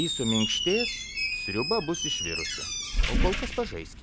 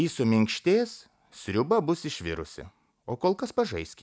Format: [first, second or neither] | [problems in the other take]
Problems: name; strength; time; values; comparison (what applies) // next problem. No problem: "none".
second | background sound (Squeak); 2 dB above the speech